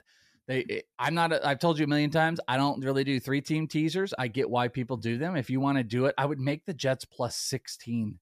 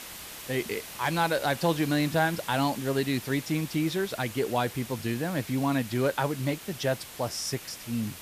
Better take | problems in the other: first | hiss; noticeable; throughout; 10 dB below the speech

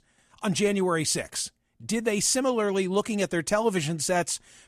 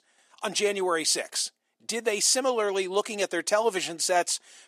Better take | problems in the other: first | thin; somewhat; fading below 350 Hz

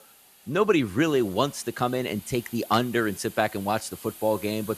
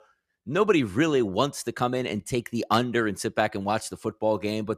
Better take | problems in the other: second | hiss; noticeable; throughout; 20 dB below the speech

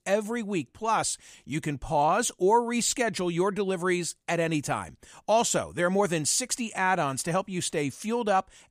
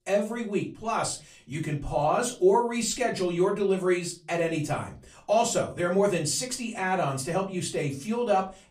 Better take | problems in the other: first | off-mic speech; far // room echo; very slight; dies away in 0.3 s

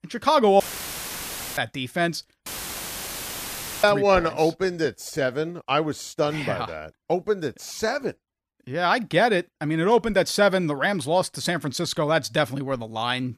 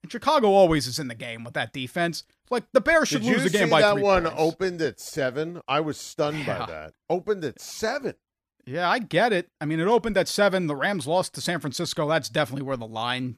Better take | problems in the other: second | audio cutting out; filled with static; at 0.5 s for 1 s and at 2.5 s for 1.5 s

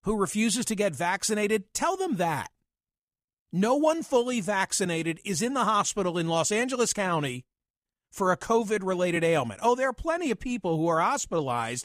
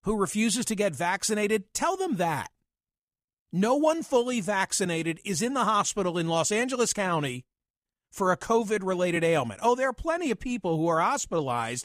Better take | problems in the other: neither | none

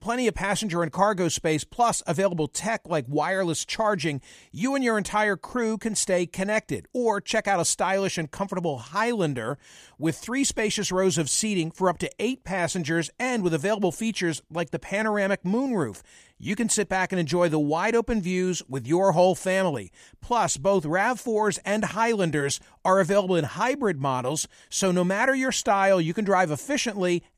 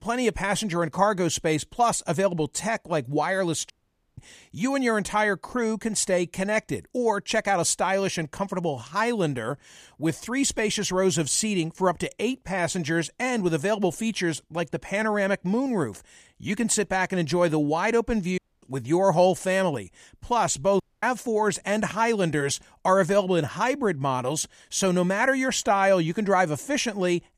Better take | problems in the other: first | audio cutting out; at 3.5 s, at 18 s and at 21 s

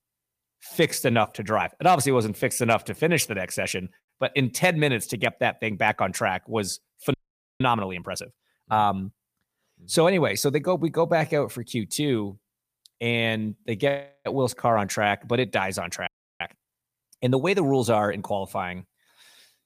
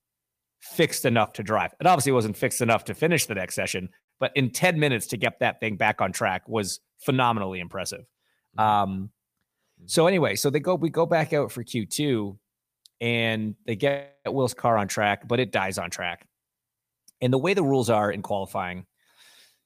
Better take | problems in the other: second | audio freezing; at 7 s and at 16 s

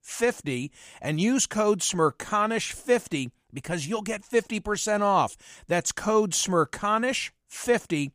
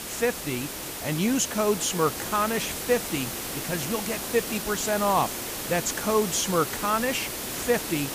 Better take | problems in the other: first | hiss; loud; throughout; 4 dB below the speech

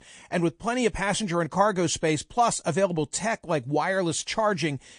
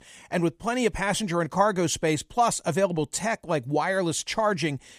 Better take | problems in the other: second | garbled, watery; slightly; nothing above 9.5 kHz

